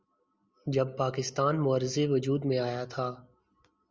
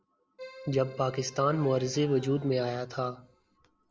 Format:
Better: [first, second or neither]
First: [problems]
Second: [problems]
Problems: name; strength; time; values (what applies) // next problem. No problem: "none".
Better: first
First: none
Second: background sound (Keyboard (musical) + Cheering); 19 dB below the speech